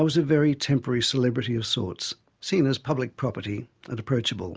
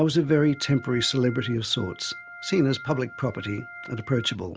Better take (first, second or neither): first